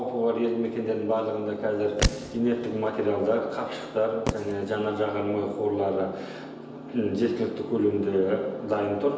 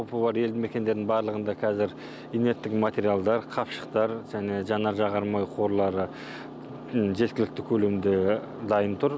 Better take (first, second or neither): second